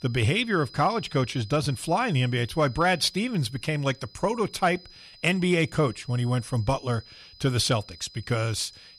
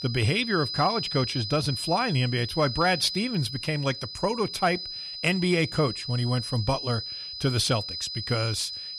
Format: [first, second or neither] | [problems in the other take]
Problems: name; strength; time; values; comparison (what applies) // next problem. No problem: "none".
first | high-pitched whine; loud; throughout; 5 kHz, 6 dB below the speech; faint in the first